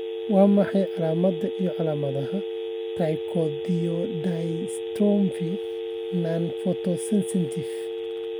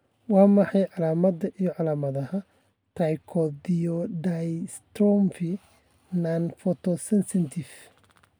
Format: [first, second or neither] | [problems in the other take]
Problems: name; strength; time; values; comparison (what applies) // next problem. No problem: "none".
second | background sound (Telephone); 5 dB below the speech